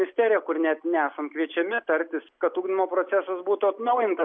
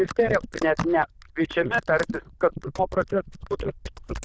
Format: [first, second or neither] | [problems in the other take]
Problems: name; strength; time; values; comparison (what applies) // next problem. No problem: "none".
first | noise reduction (neural diffusion model UNIVERSE++)